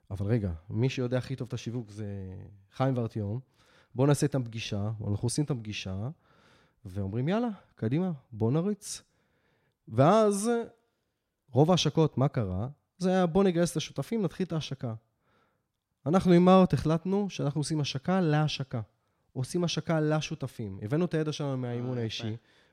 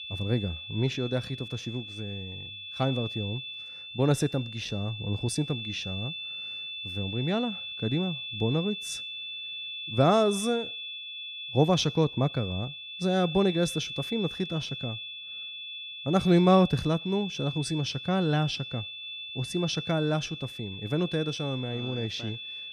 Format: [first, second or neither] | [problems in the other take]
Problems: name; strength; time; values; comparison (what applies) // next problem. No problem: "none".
first | high-pitched whine; loud; throughout; 3.5 kHz, 8 dB below the speech